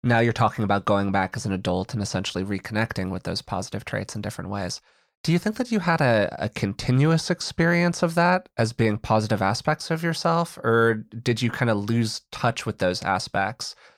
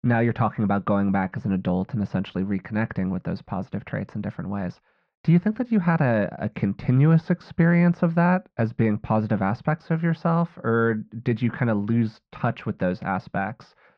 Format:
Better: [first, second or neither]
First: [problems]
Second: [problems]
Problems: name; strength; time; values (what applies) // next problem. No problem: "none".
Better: first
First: none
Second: muffled; very; fading above 2.5 kHz